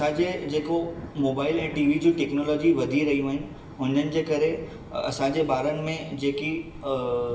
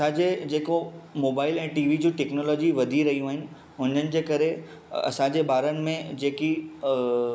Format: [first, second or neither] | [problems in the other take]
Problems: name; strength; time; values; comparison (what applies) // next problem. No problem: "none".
second | background sound (Thunder); 17 dB below the speech // room echo; dies away in 1.4 s